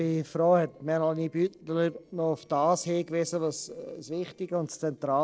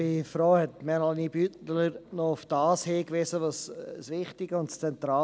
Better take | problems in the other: second | noise reduction (neural separator model SepFormer DNS4)

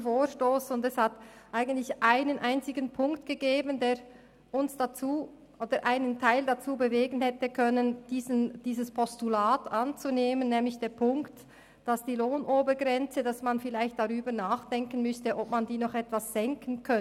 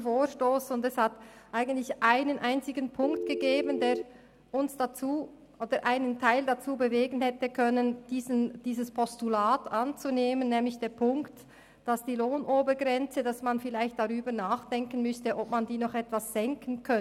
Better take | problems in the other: first | background sound (Telephone); 3 dB below the speech

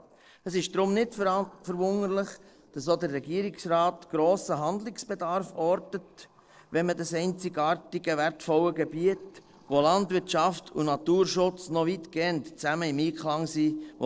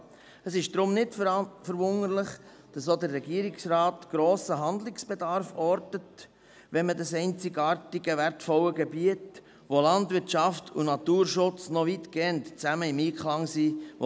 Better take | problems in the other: second | noise reduction (neural separator model SepFormer DNS4)

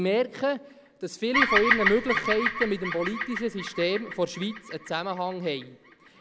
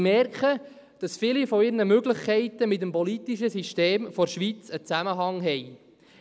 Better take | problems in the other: second | background sound (Bird vocalization, bird call, bird song); 2 dB below the speech

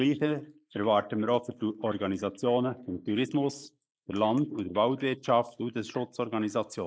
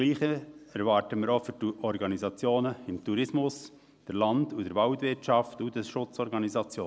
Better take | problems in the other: second | noise reduction (neural mask model Resemble Enhance denoiser)

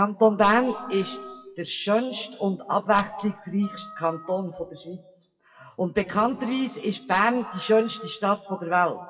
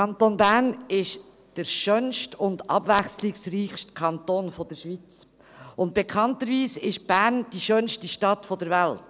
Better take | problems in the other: second | noise reduction (classical method WPE with log-MMSE)

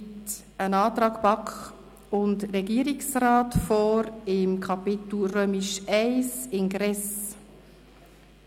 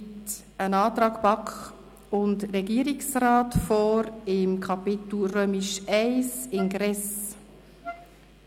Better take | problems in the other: first | background sound (Wind instrument, woodwind instrument); 16 dB below the speech

